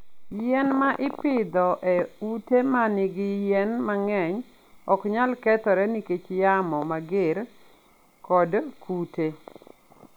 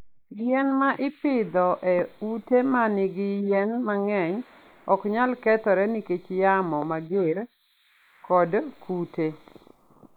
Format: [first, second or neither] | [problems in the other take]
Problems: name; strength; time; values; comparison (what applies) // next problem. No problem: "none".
first | noise reduction (neural mask model Resemble Enhance denoiser)